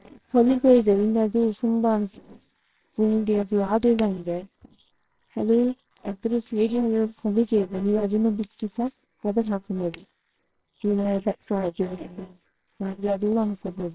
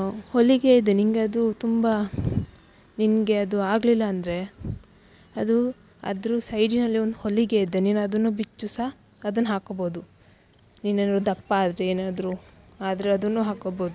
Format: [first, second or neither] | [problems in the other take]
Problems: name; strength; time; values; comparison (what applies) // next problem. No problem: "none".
second | noise reduction (neural separator model SepFormer WHAMR!)